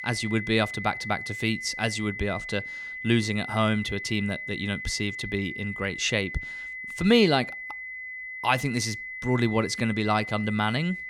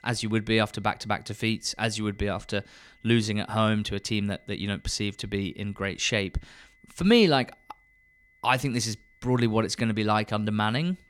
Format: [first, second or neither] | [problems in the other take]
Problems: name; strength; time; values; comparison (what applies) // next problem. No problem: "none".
second | high-pitched whine; loud; throughout; 2 kHz, 8 dB below the speech; faint in the second